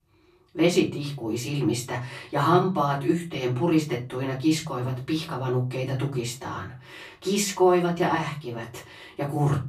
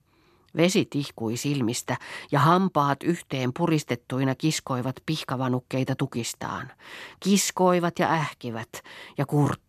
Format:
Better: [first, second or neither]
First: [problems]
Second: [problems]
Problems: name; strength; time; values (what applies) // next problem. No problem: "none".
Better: second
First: off-mic speech; far // room echo; very slight; dies away in 0.3 s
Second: none